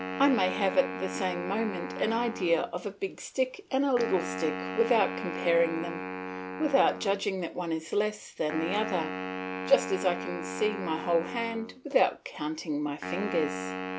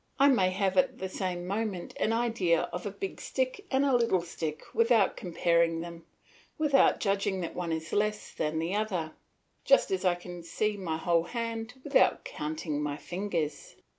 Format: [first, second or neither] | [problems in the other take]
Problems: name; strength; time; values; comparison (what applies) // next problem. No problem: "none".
second | background sound (Wind instrument, woodwind instrument); 8 dB below the speech